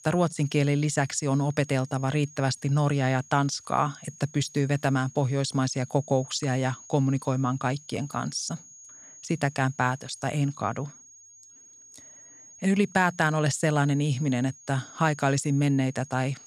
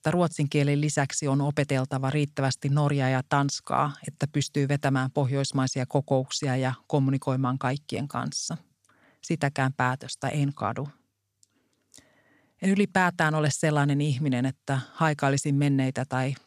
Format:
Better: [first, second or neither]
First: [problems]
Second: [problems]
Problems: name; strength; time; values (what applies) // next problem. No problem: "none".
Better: second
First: high-pitched whine; faint; throughout; 6.5 kHz, 20 dB below the speech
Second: none